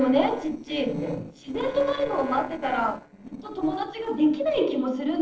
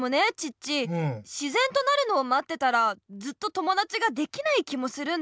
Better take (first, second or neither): second